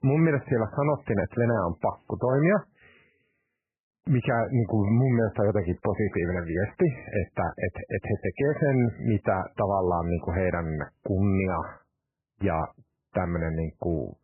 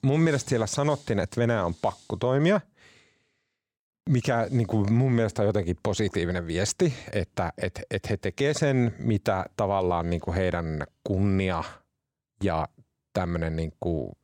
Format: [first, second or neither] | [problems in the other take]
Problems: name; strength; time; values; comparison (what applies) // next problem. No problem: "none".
second | garbled, watery; badly; nothing above 2.5 kHz